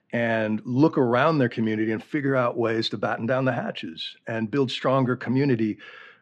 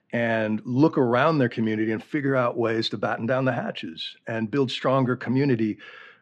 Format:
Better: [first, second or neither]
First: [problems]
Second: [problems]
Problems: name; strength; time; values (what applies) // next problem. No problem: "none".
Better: neither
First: muffled; very slightly; fading above 3 kHz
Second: muffled; very slightly; fading above 3 kHz